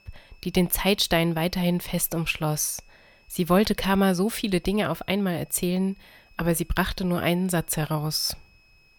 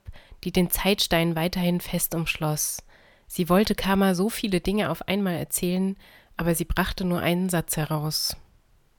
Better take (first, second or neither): second